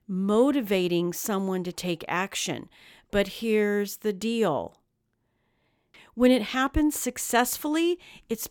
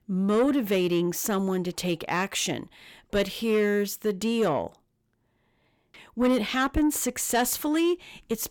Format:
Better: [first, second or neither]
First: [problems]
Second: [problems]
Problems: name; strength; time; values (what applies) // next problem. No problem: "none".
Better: first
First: none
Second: distortion; slight; 10 dB below the speech